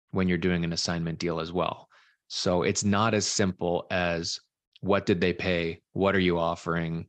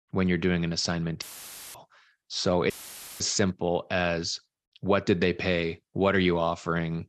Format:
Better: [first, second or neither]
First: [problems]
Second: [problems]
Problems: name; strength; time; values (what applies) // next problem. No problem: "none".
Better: first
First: none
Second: audio cutting out; filled with static; at 1 s for 0.5 s and at 2.5 s for 0.5 s